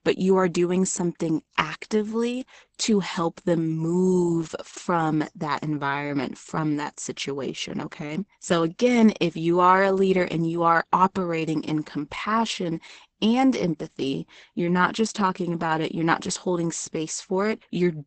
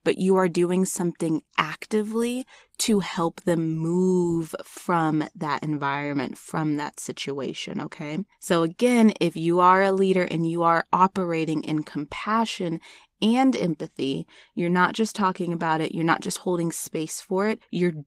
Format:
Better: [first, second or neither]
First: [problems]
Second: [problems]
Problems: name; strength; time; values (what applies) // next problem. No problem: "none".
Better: second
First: garbled, watery; badly; nothing above 8 kHz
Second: garbled, watery; slightly; nothing above 15.5 kHz